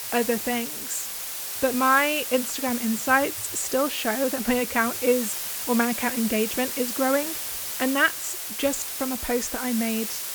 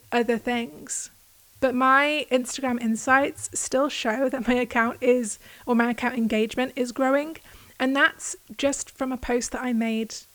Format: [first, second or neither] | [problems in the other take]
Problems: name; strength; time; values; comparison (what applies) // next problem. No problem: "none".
second | hiss; loud; throughout; 4 dB below the speech; faint in the second